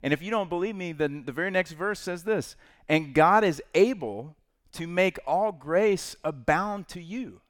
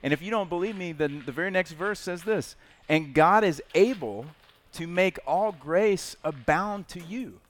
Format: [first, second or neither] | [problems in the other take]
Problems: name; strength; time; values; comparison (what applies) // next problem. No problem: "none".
first | animal sounds; faint; throughout; 25 dB below the speech